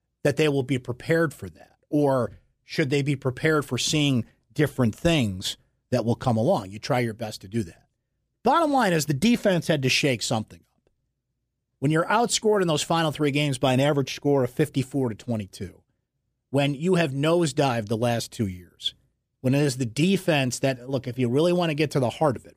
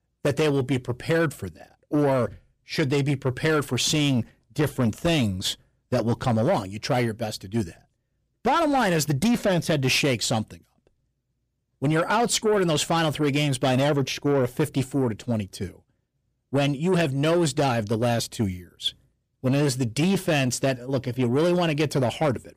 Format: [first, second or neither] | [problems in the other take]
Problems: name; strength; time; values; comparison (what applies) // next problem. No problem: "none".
first | distortion; slight; 10 dB below the speech